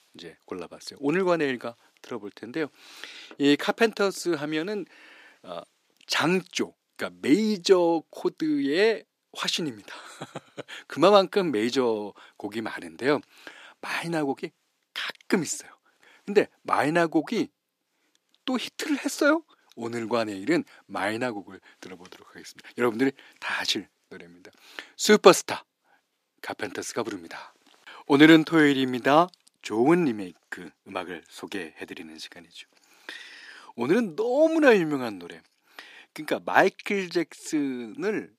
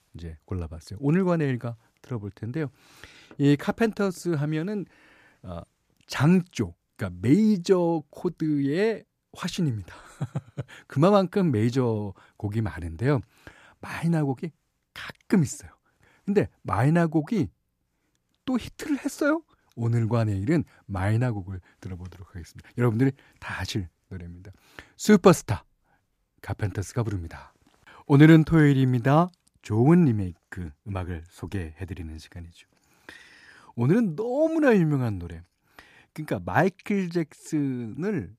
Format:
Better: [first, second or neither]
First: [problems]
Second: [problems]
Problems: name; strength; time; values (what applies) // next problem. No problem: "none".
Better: second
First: thin; somewhat; fading below 300 Hz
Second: none